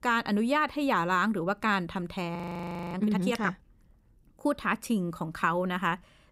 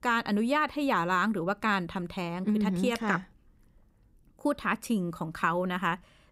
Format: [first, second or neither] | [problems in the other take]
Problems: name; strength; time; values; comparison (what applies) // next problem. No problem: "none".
second | audio freezing; at 2.5 s for 0.5 s